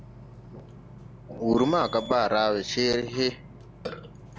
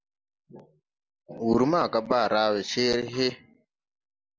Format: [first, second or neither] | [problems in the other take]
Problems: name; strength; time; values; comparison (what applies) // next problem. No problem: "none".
second | background sound (Burping, eructation); 15 dB below the speech